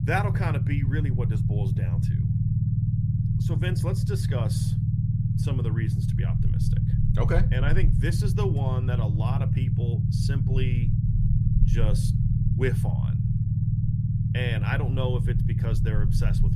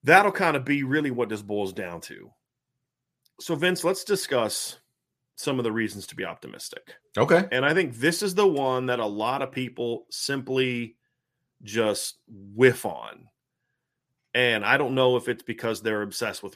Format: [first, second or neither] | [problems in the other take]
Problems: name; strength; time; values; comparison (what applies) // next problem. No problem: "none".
second | low rumble; loud; throughout; 2 dB below the speech